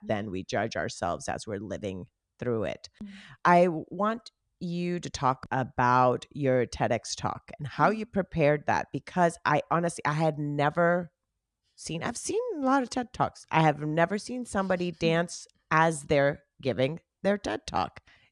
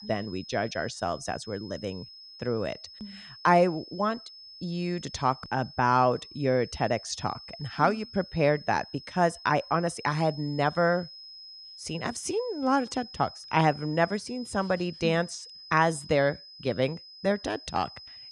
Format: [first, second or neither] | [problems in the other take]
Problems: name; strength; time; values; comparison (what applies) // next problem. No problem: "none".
first | high-pitched whine; noticeable; throughout; 5 kHz, 15 dB below the speech